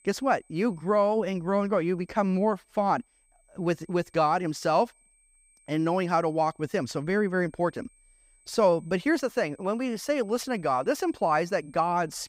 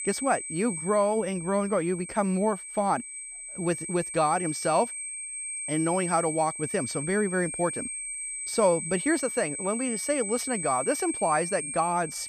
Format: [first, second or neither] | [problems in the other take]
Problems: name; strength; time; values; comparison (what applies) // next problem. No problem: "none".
first | high-pitched whine; loud; throughout; 8 kHz, 5 dB below the speech; faint in the first